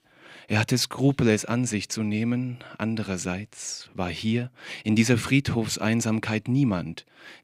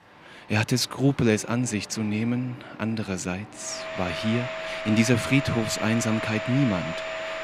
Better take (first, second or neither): first